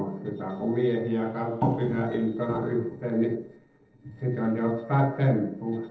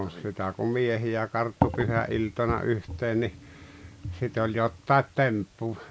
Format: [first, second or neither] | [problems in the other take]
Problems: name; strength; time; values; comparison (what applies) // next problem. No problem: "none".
second | noise reduction (neural separator model SepFormer DNS4)